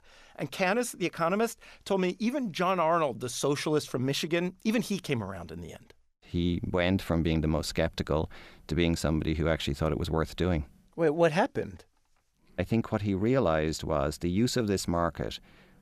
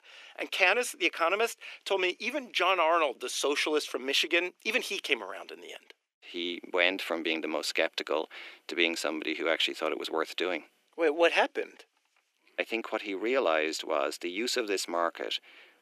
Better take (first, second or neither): first